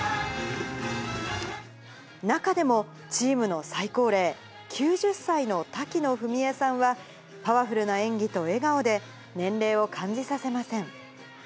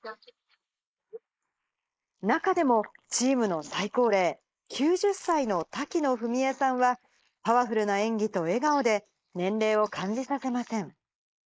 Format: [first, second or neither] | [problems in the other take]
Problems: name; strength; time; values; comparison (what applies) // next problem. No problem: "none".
first | noise reduction (neural mask model Resemble Enhance denoiser)